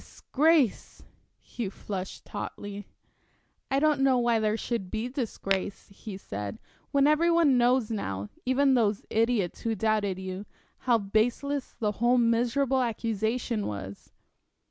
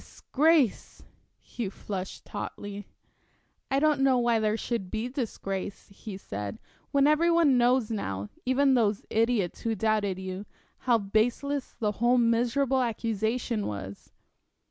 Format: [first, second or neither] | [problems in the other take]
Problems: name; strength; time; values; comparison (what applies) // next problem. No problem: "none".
second | background sound (Tap / Glass); 9 dB below the speech